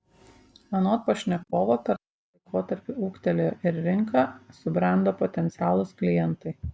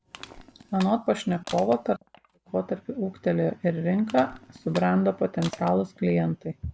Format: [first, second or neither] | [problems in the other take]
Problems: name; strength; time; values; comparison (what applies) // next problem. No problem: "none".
first | background sound (Crushing); 19 dB below the speech